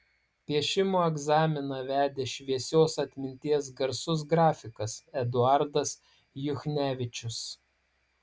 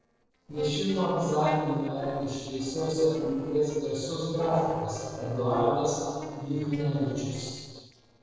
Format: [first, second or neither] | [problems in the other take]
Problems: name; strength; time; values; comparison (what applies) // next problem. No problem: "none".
first | noise reduction (neural separator model SepFormer DNS4)